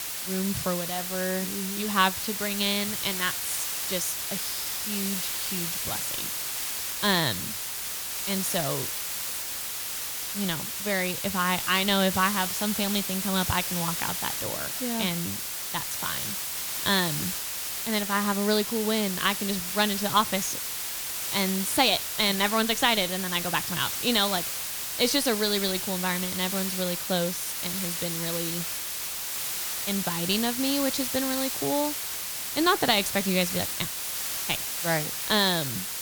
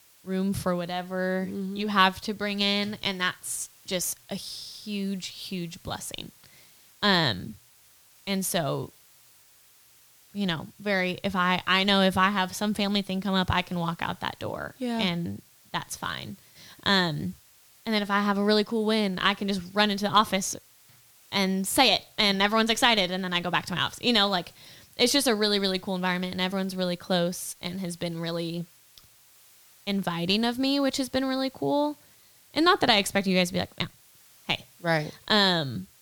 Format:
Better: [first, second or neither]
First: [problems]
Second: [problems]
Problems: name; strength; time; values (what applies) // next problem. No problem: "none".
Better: second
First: hiss; loud; throughout; 1 dB below the speech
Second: hiss; faint; throughout; 30 dB below the speech